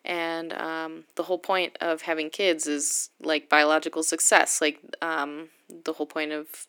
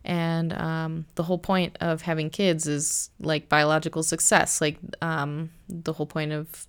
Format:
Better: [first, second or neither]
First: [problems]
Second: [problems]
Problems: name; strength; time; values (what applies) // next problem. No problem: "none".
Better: second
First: thin; somewhat; fading below 300 Hz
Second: none